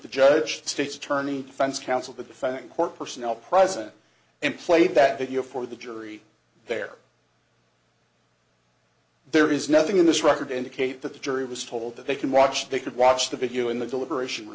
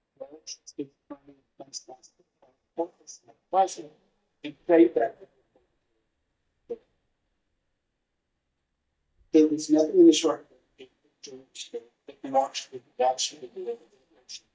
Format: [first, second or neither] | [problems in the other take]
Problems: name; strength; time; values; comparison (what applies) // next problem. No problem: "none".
first | noise reduction (neural mask model DeepFilterNet 3)